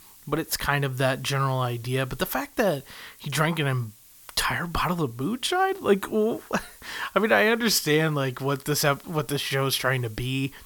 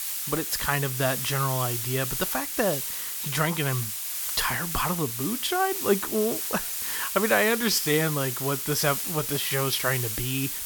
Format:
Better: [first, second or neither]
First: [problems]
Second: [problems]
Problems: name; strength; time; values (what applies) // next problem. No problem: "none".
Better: first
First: hiss; faint; throughout; 25 dB below the speech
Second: hiss; loud; throughout; 2 dB below the speech